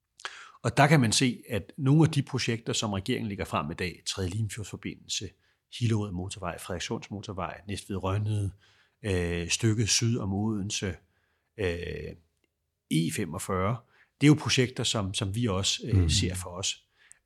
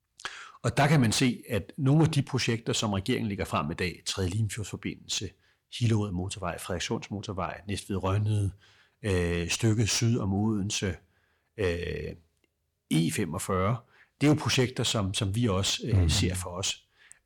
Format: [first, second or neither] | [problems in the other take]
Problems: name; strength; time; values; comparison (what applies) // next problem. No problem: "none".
first | distortion; slight; 10 dB below the speech